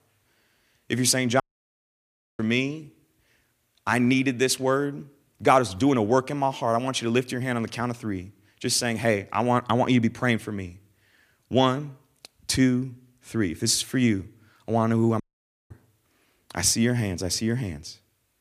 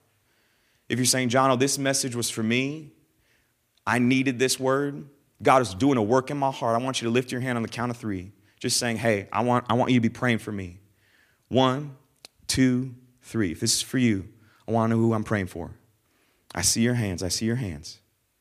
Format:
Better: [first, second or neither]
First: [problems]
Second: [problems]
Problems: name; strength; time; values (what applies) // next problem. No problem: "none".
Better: second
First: audio cutting out; at 1.5 s for 1 s and at 15 s for 0.5 s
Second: none